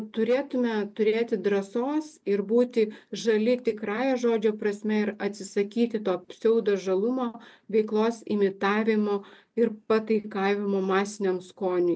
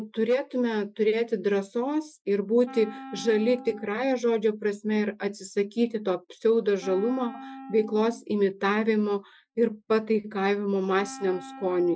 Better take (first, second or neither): first